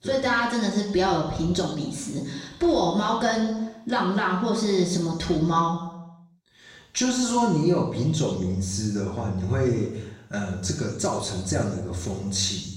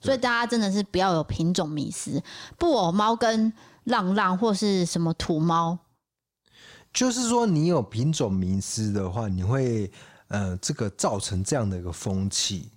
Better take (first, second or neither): second